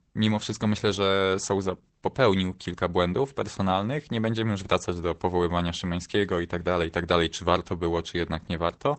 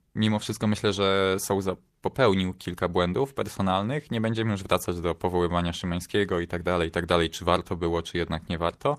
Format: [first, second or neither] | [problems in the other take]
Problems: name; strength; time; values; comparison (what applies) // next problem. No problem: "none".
second | garbled, watery; badly; nothing above 8 kHz; slightly in the second